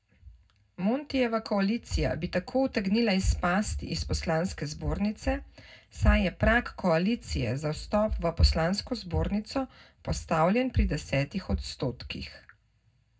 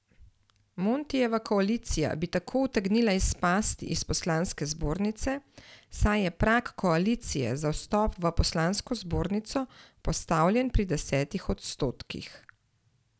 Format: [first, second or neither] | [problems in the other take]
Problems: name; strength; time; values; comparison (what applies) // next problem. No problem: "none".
second | room echo; dies away in 0.3 s